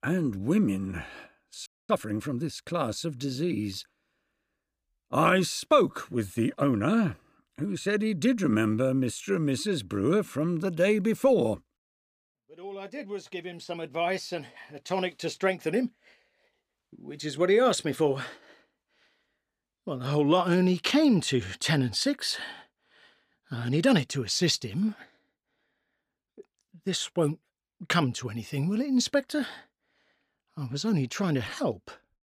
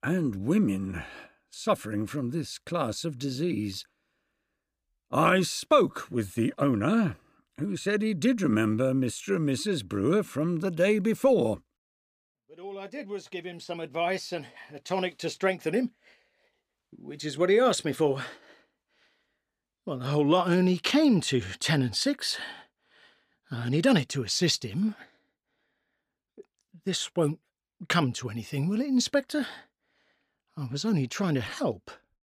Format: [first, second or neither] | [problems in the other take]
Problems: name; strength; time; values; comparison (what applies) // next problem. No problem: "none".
second | audio freezing; at 1.5 s